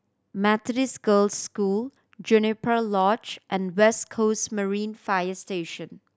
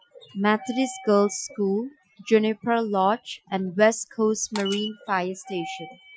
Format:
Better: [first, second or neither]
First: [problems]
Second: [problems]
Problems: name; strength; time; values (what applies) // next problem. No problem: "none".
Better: first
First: none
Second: noise reduction (classical method Wiener filter)